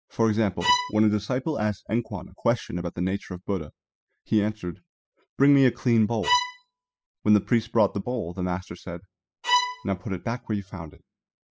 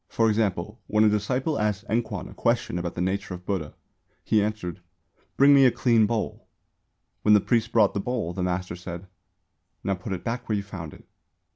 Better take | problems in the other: second | noise reduction (classical method spectral subtraction)

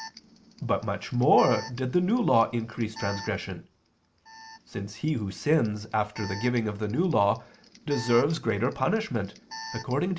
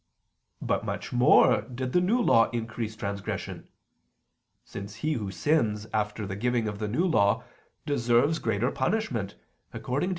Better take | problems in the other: second | background sound (Alarm); 17 dB below the speech

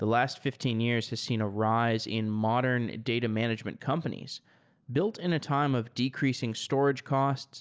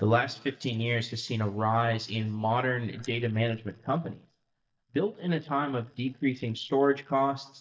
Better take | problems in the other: first | noise reduction (neural mask model DeepFilterNet 3)

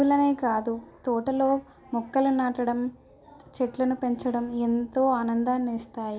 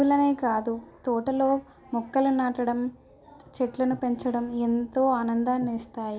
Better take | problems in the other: first | background sound (Breathing); 18 dB below the speech

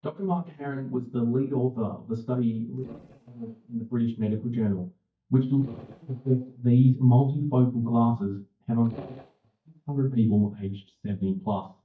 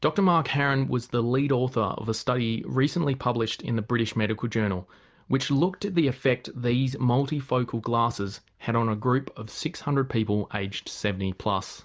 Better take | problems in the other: second | noise reduction (neural mask model DeepFilterNet 3)

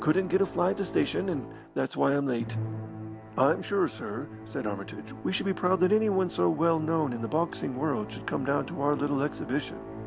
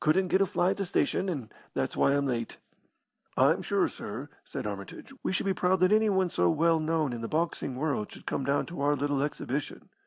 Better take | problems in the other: second | background sound (Musical instrument); 11 dB below the speech

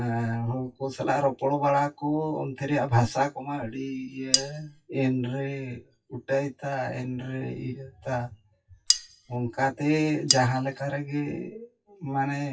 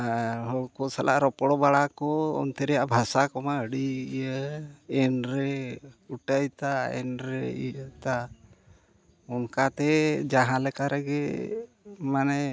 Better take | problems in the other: second | noise reduction (classical method WPE with log-MMSE)

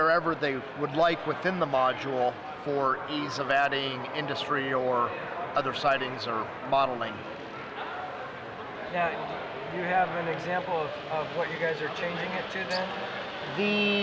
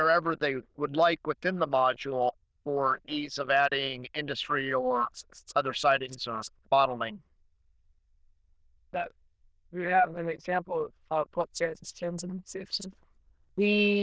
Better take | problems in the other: first | noise reduction (neural diffusion model UNIVERSE++)

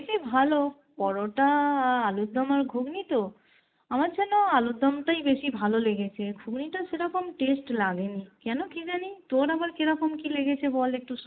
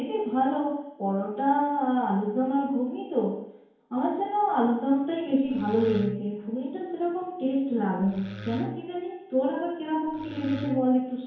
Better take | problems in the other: first | background sound (Wood); 13 dB below the speech // room echo; dies away in 1 s

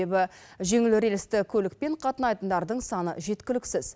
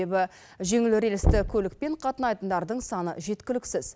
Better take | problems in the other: first | background sound (Knock); 3 dB below the speech

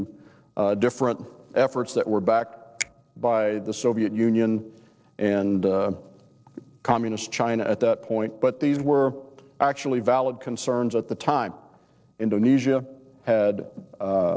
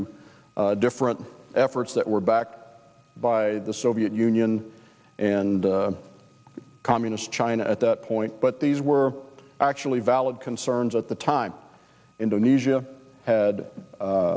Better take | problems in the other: second | noise reduction (neural separator model SepFormer DNS4)

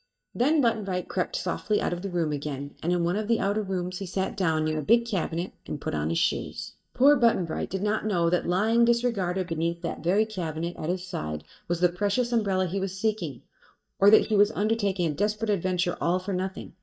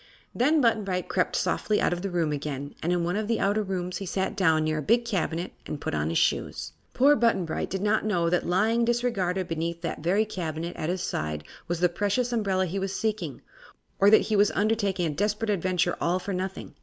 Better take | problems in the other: second | noise reduction (neural mask model DeepFilterNet 3)

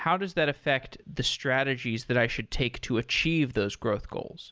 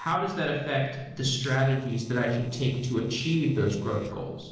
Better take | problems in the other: first | noise reduction (neural separator model SepFormer DNS4)

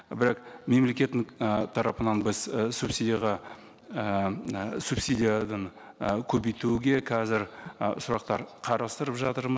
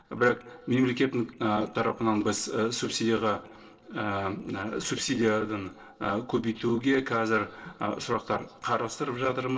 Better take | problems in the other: first | noise reduction (neural separator model SepFormer DNS4)

